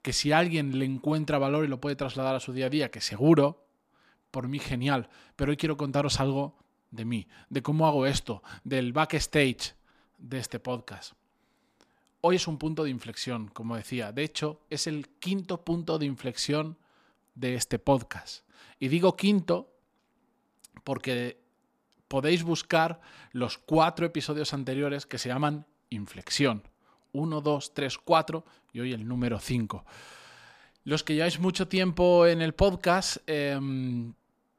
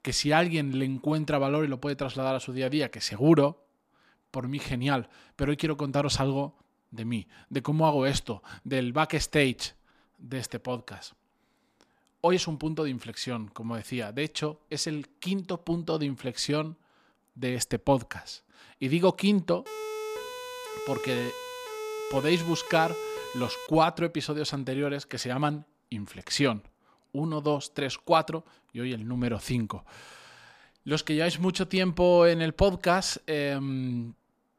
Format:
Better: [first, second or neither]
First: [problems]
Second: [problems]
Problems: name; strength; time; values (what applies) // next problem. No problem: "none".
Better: first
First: none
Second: siren; noticeable; from 20 to 24 s; peak 7 dB below the speech